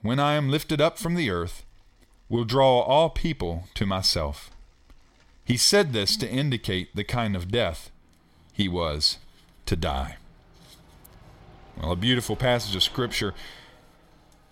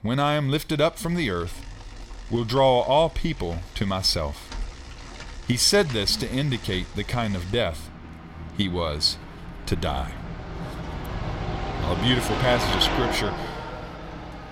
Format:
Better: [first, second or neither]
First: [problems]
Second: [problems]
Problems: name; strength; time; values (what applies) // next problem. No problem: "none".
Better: first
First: traffic noise; faint; throughout; 30 dB below the speech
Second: traffic noise; loud; throughout; 10 dB below the speech